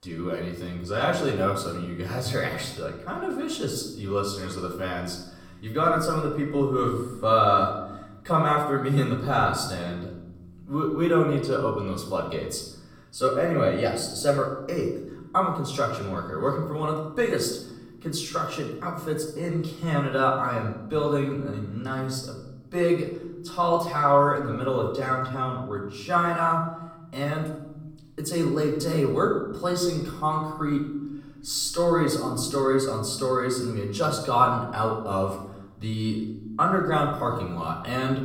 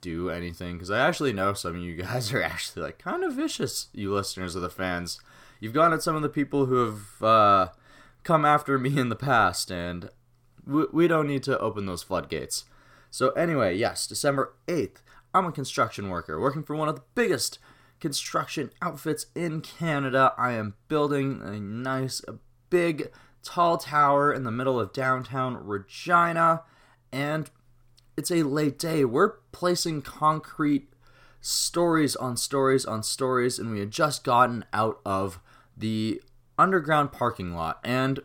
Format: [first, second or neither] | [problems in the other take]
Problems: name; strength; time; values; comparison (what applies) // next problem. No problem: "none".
second | off-mic speech; far // room echo; noticeable; dies away in 0.8 s